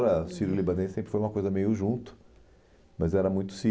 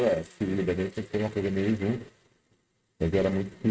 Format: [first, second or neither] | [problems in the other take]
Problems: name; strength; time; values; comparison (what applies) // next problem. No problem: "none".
first | noise reduction (neural mask model RNNoise)